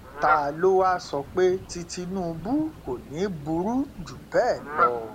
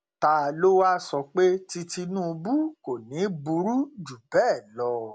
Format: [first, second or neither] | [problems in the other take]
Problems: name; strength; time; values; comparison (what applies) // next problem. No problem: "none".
second | background sound (Fowl); 7 dB below the speech